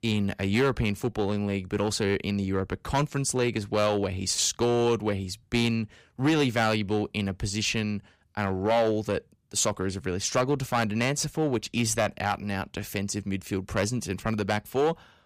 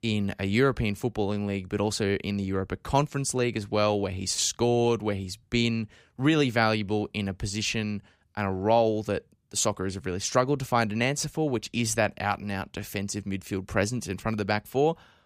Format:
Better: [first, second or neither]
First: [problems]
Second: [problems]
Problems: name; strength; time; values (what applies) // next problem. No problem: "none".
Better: second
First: distortion; slight; 4% of the sound clipped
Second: none